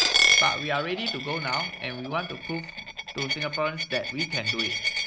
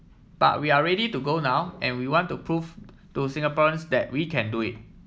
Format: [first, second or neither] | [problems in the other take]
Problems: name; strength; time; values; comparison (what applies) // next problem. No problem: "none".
second | background sound (Coin (dropping)); 4 dB above the speech